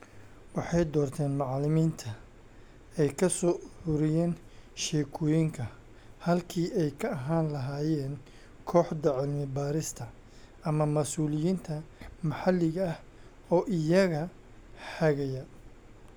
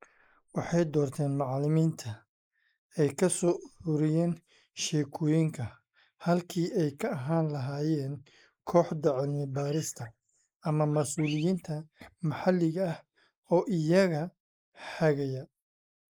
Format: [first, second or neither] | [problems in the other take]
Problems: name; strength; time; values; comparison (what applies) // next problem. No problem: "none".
first | noise reduction (neural mask model Resemble Enhance denoiser)